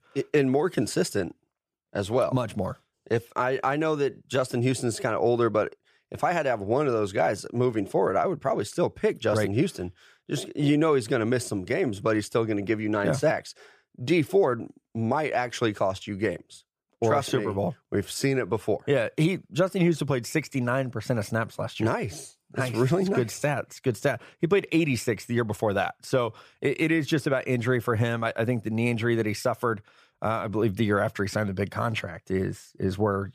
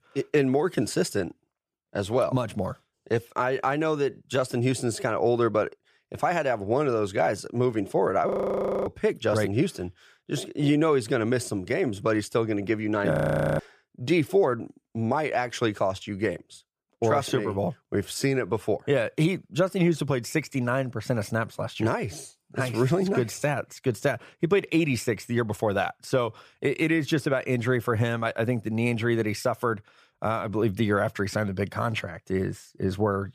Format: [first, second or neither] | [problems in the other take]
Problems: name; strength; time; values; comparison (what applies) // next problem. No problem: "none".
first | audio freezing; at 8.5 s for 0.5 s and at 13 s